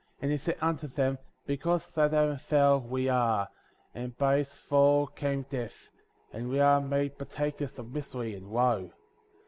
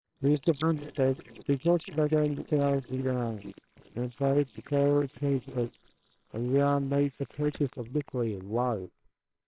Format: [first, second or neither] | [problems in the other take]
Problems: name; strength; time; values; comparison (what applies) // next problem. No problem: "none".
first | noise reduction (neural separator model SepFormer WHAMR!)